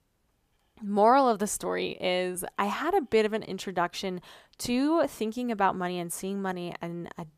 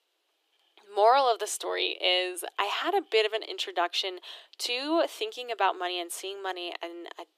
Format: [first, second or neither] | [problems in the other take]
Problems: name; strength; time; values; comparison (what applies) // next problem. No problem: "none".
first | thin; very; fading below 300 Hz